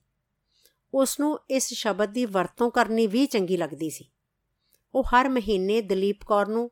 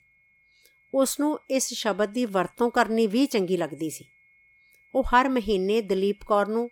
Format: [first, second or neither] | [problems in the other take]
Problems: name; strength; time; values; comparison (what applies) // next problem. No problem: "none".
first | high-pitched whine; faint; throughout; 2 kHz, 35 dB below the speech